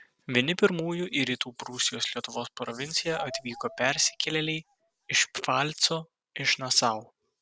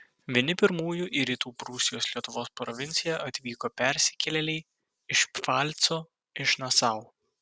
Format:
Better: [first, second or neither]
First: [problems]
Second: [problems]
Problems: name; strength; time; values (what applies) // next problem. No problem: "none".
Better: second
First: background sound (Bird vocalization, bird call, bird song); 17 dB below the speech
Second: none